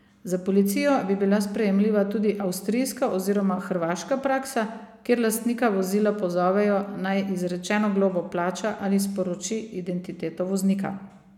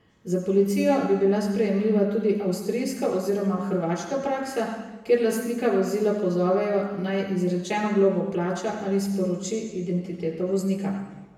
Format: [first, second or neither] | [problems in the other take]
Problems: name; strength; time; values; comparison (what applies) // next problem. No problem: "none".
first | room echo; dies away in 1 s